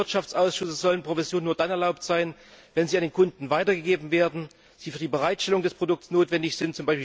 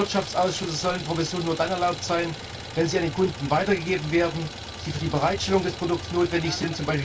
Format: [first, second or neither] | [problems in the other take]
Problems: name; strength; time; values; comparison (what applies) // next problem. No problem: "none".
first | background sound (Idling); 11 dB below the speech // room echo; dies away in 0.2 s